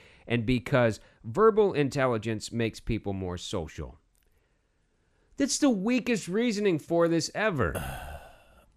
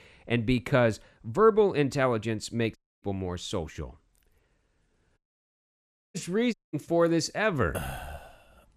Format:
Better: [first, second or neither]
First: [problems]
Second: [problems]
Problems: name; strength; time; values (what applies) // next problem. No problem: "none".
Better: first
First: none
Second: audio cutting out; at 3 s, at 5 s for 1 s and at 6.5 s